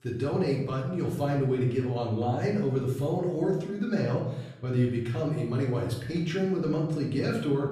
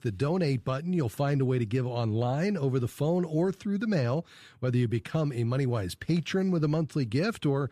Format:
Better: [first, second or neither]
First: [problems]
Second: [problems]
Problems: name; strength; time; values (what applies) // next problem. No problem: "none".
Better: second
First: room echo; noticeable; dies away in 0.7 s // off-mic speech; far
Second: none